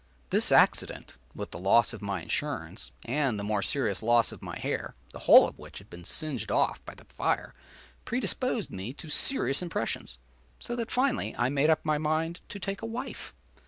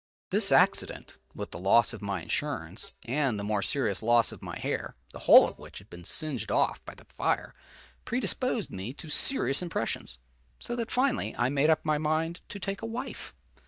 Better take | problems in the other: first | noise reduction (neural mask model DeepFilterNet 3)

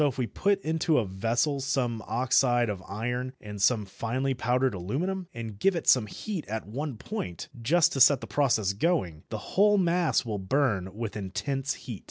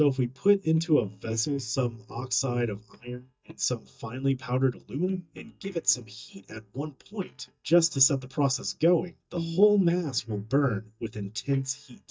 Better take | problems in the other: first | noise reduction (neural mask model DeepFilterNet 3)

